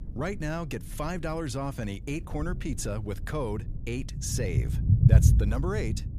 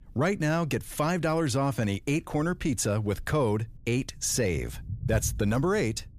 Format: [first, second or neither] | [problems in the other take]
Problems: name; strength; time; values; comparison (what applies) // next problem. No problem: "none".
second | low rumble; loud; throughout; 4 dB below the speech; faint in the second